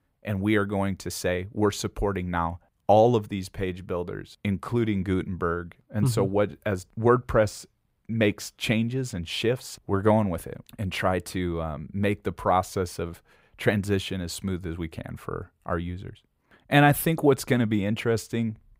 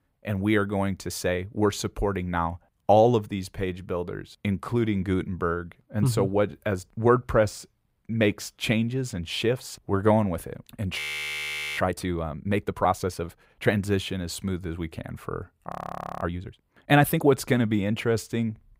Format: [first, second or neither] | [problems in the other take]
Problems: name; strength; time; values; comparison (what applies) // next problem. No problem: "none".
first | audio freezing; at 11 s for 1 s and at 16 s for 0.5 s